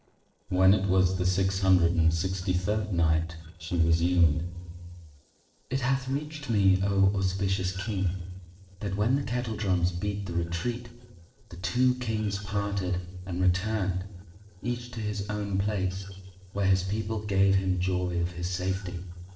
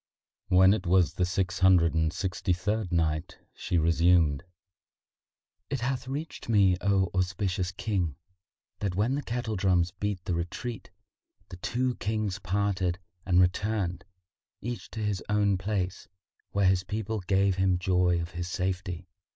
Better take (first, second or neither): second